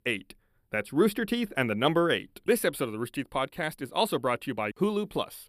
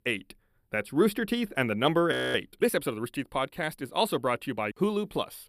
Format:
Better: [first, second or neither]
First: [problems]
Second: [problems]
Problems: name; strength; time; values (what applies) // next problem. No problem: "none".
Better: first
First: none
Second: audio freezing; at 2 s